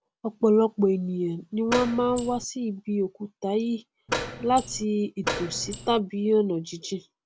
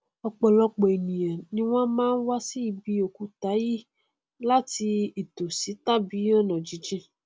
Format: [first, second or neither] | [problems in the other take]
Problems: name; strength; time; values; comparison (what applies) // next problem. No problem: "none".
second | background sound (Door); 6 dB below the speech